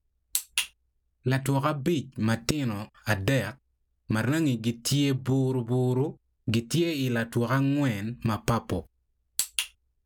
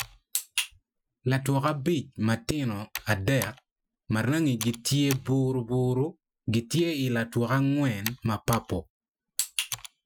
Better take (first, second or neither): first